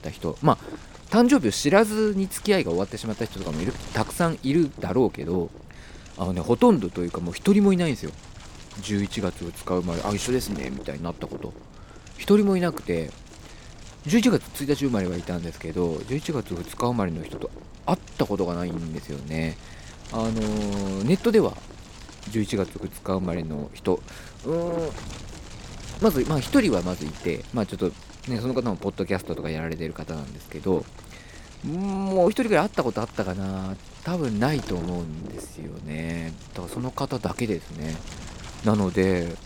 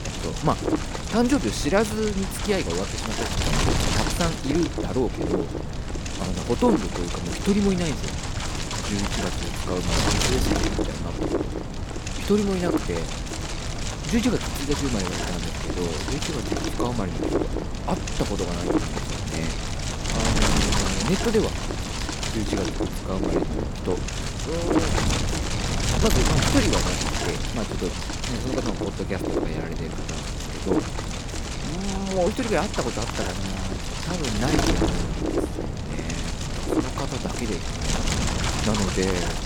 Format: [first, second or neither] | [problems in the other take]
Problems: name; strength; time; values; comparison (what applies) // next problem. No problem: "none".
first | wind noise on the microphone; heavy; 2 dB above the speech; occasional gusts in the first